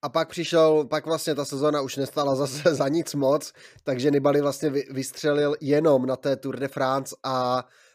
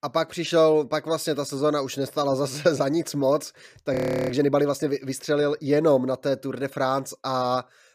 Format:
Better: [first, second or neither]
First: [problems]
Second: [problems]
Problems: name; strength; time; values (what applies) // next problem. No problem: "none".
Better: first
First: none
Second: audio freezing; at 4 s